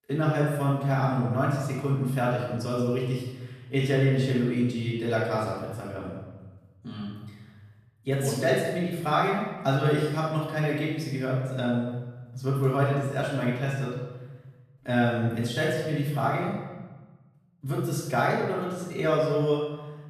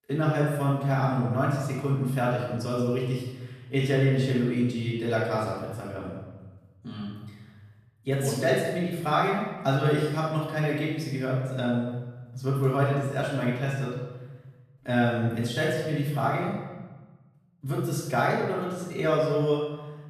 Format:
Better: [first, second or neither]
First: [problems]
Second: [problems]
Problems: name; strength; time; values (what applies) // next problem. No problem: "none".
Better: neither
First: off-mic speech; far // room echo; noticeable; dies away in 1.1 s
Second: off-mic speech; far // room echo; noticeable; dies away in 1.1 s